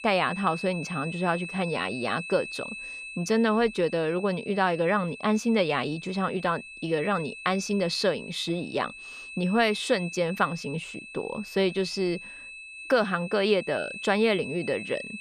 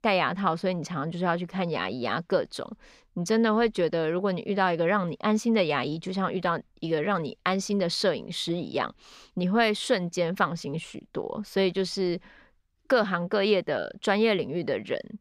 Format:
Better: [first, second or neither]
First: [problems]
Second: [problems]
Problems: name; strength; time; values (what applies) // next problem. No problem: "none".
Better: second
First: high-pitched whine; noticeable; throughout; 2.5 kHz, 10 dB below the speech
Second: none